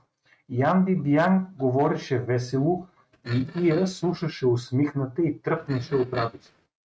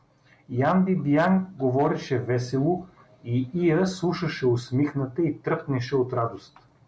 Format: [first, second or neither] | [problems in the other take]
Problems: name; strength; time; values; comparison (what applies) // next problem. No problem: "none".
second | noise reduction (neural mask model RNNoise)